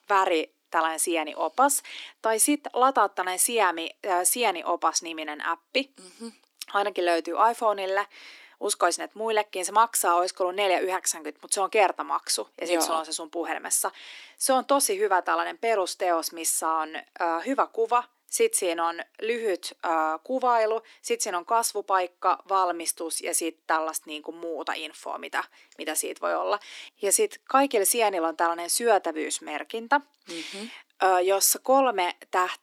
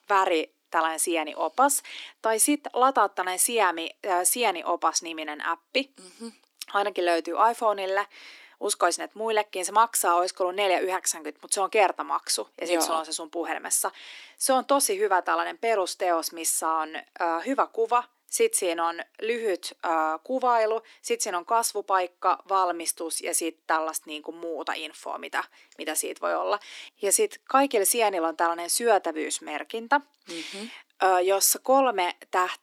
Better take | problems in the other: neither | thin; somewhat; fading below 300 Hz; the same in both

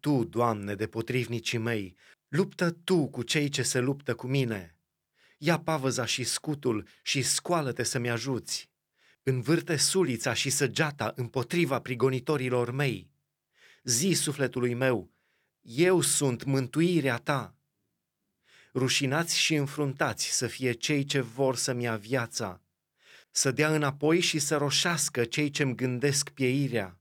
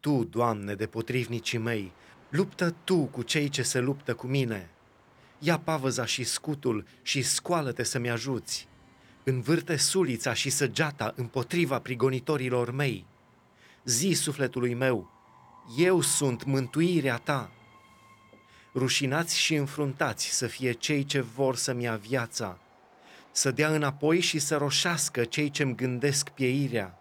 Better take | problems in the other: first | train or aircraft noise; faint; throughout; 30 dB below the speech

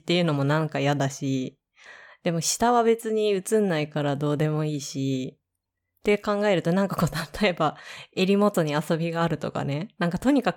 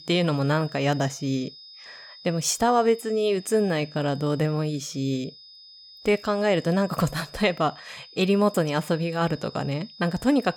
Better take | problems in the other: first | high-pitched whine; noticeable; throughout; 5 kHz, 20 dB below the speech

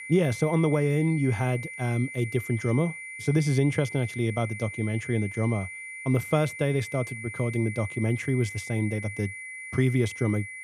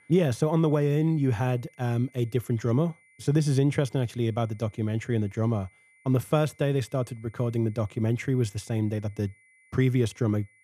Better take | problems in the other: second | high-pitched whine; loud; throughout; 2 kHz, 10 dB below the speech; faint in the second

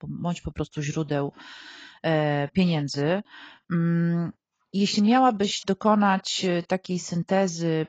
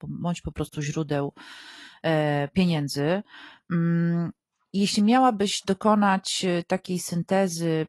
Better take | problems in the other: second | garbled, watery; badly; nothing above 7.5 kHz; slightly in the second

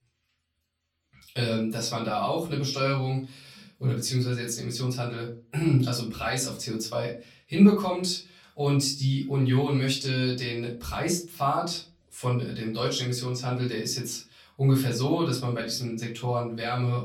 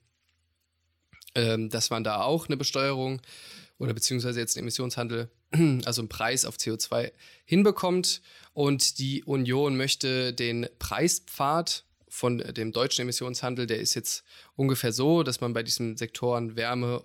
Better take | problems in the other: second | off-mic speech; far // room echo; slight; dies away in 0.3 s

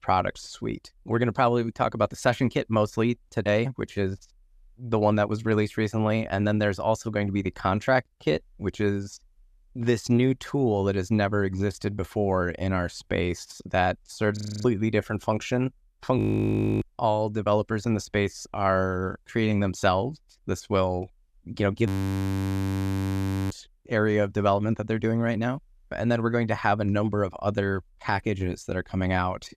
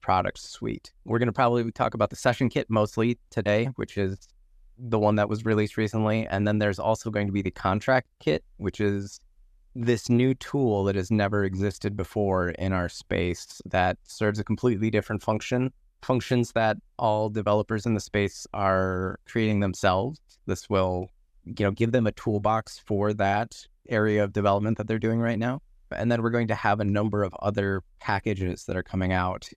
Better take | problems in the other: second | audio freezing; at 14 s, at 16 s for 0.5 s and at 22 s for 1.5 s

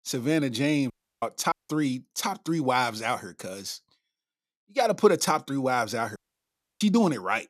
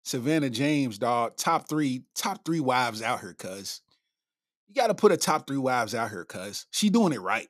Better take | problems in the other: second | audio cutting out; at 1 s, at 1.5 s and at 6 s for 0.5 s

